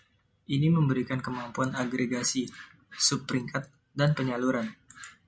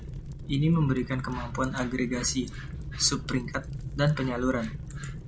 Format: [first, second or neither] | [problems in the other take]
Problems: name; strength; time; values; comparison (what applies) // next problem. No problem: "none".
first | background sound (Fire); 8 dB below the speech